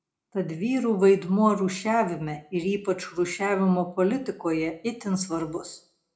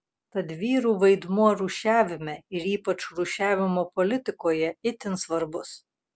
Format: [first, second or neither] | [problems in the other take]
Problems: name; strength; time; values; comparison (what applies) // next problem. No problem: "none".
second | room echo; dies away in 0.4 s